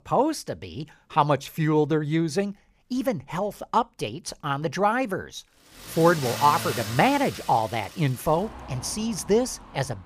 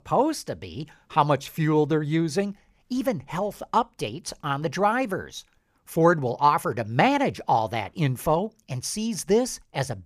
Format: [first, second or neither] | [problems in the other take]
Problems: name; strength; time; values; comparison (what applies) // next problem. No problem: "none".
second | traffic noise; noticeable; from 6 s on; 10 dB below the speech